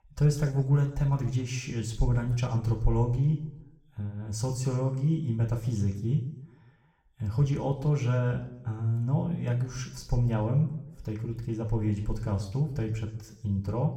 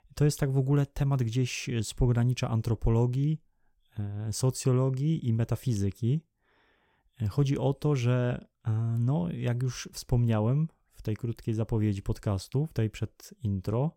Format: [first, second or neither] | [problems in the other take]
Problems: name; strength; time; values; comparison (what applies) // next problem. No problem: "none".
second | room echo; slight; dies away in 0.6 s // off-mic speech; somewhat distant